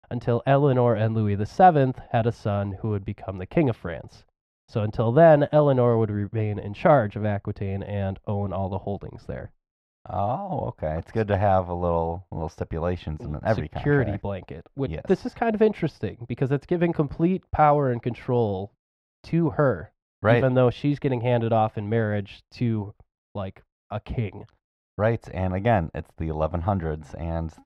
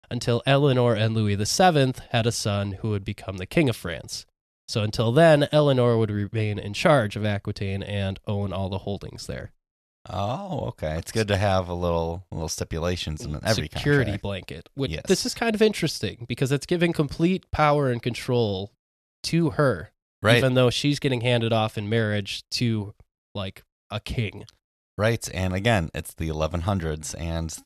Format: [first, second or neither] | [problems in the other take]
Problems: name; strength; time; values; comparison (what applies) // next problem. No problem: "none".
second | muffled; very; fading above 3.5 kHz